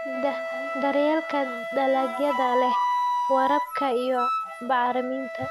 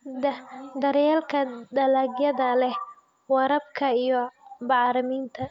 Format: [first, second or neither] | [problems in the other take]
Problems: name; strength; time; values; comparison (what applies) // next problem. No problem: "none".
second | background sound (Wind instrument, woodwind instrument); 2 dB below the speech